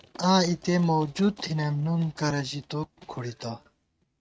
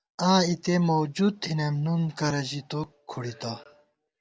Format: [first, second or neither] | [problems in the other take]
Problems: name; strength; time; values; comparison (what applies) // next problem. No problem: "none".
second | noise reduction (neural mask model RNNoise)